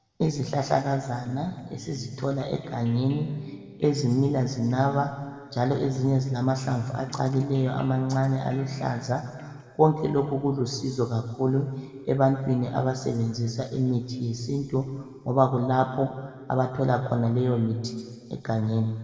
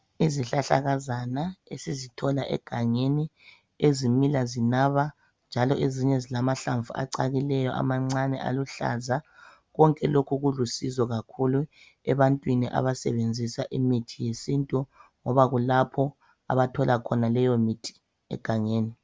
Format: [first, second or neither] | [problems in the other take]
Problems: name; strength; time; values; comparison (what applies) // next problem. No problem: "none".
second | background sound (Electric guitar); 17 dB below the speech // room echo; dies away in 1.9 s